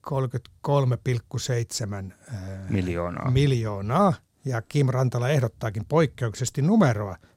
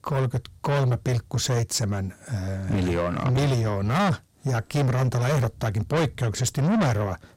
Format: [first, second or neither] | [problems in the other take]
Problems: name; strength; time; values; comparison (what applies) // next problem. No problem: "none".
first | distortion; heavy; 5 dB below the speech